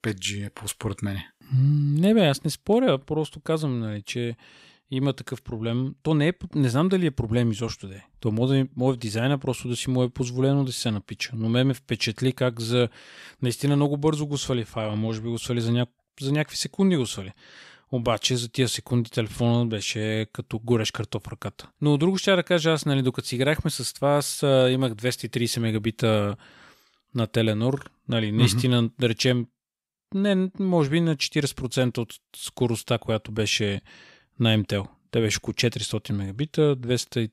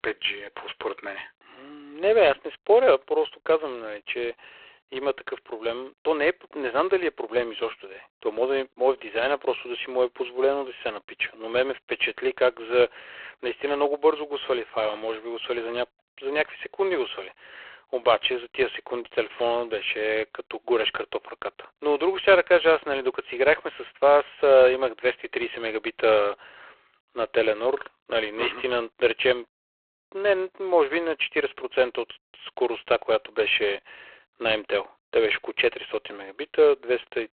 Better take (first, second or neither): first